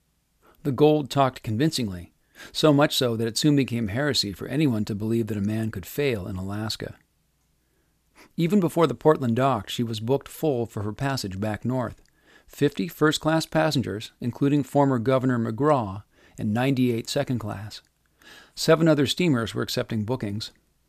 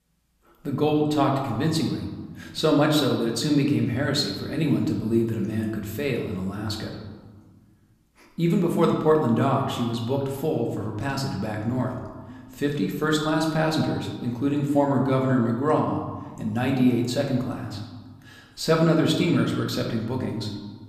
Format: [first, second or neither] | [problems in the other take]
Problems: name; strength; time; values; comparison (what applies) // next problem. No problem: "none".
first | room echo; slight; dies away in 1.2 s // off-mic speech; somewhat distant